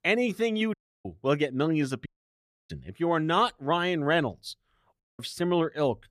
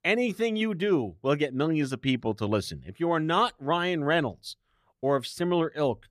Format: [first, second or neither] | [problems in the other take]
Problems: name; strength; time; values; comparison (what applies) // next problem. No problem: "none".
second | audio cutting out; at 0.5 s, at 2 s for 0.5 s and at 5 s